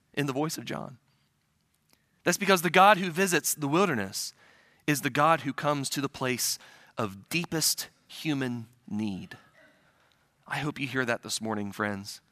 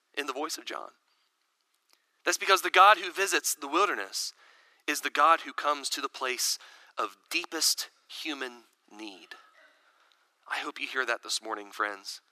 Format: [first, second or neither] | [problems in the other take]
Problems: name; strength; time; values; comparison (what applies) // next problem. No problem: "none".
first | thin; very; fading below 350 Hz